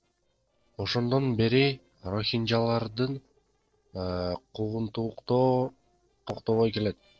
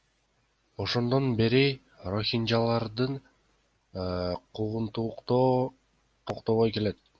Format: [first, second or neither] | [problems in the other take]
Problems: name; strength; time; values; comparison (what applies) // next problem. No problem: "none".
second | noise reduction (neural separator model SepFormer DNS4)